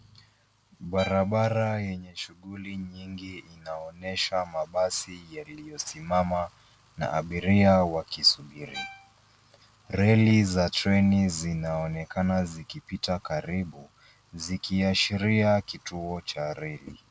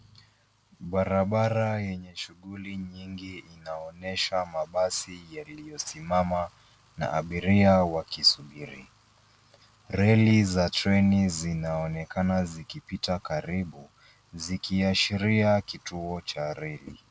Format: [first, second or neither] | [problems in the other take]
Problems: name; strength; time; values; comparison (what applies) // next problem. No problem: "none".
second | background sound (Bowed string instrument); 16 dB below the speech